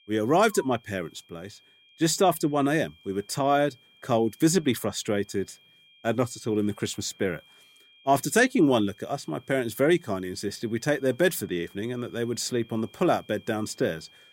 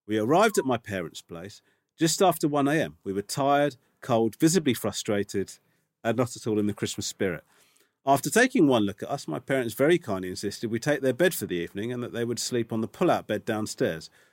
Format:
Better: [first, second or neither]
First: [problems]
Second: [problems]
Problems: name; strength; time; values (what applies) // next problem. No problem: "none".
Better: second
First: high-pitched whine; faint; throughout; 3 kHz, 30 dB below the speech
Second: none